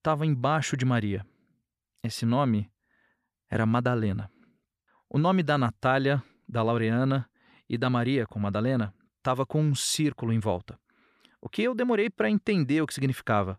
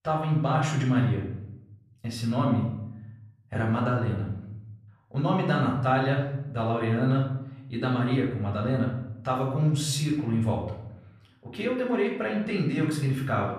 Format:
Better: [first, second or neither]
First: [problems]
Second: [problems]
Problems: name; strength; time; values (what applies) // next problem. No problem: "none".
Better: first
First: none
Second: off-mic speech; far // room echo; noticeable; dies away in 0.7 s